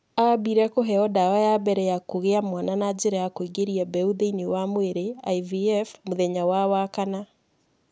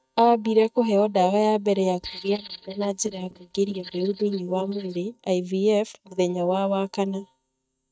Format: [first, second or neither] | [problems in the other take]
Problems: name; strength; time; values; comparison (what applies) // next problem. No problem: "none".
first | noise reduction (neural mask model DeepFilterNet 3)